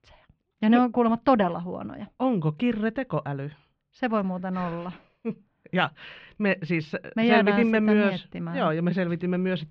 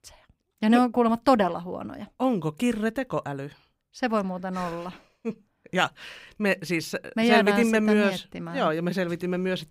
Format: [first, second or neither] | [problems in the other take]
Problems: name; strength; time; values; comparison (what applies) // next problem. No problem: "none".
second | muffled; slightly; fading above 3.5 kHz